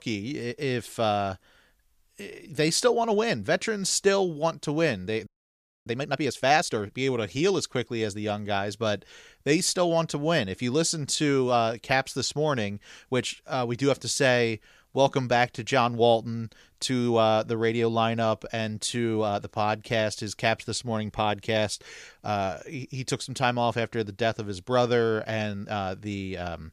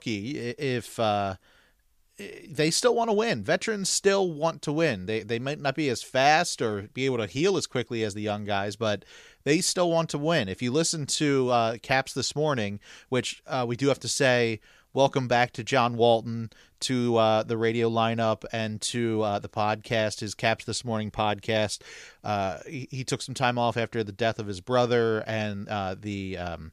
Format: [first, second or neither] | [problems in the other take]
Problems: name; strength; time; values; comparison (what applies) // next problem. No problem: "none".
second | audio freezing; at 5.5 s for 0.5 s